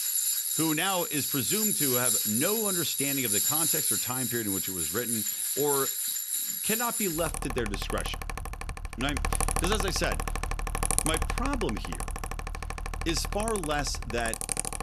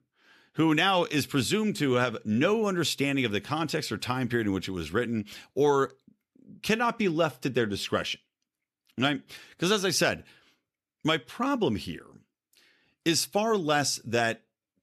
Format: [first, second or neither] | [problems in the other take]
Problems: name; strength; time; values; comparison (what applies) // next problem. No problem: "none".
second | machinery noise; very loud; throughout; 4 dB above the speech